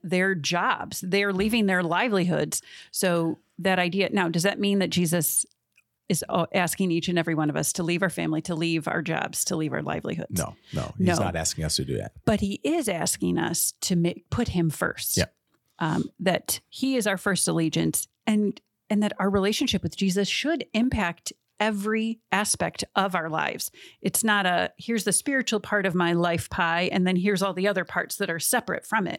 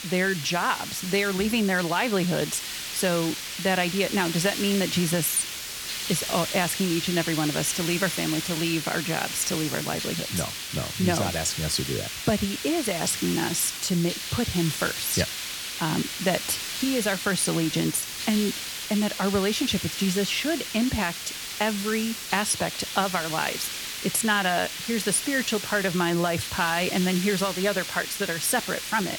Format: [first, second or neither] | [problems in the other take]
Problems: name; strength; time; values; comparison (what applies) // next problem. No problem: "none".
first | hiss; loud; throughout; 5 dB below the speech